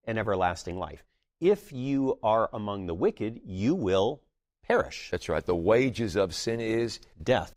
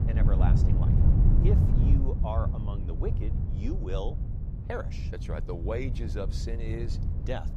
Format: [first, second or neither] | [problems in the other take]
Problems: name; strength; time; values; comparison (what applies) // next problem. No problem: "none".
first | wind noise on the microphone; heavy; 3 dB below the speech